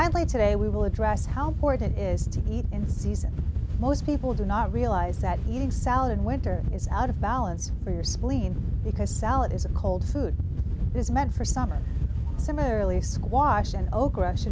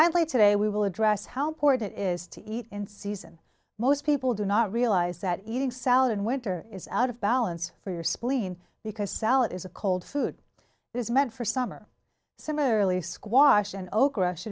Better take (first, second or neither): second